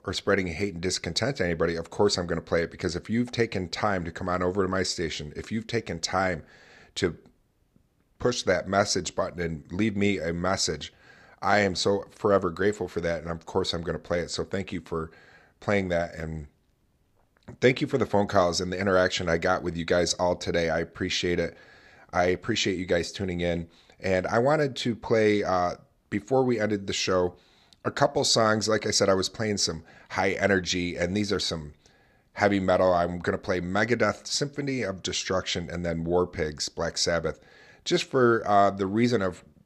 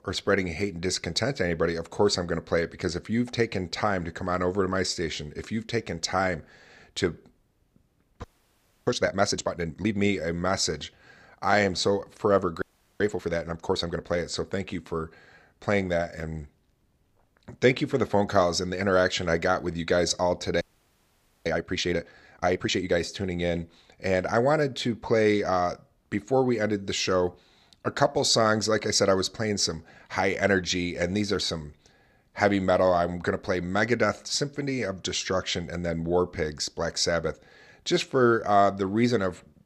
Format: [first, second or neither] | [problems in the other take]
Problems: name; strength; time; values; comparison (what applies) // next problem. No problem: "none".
first | audio freezing; at 8 s for 0.5 s, at 13 s and at 21 s for 1 s